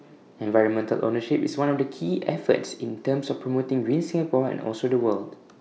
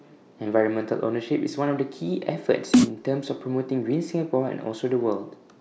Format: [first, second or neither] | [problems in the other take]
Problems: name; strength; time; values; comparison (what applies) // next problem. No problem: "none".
first | background sound (Snare drum); 5 dB above the speech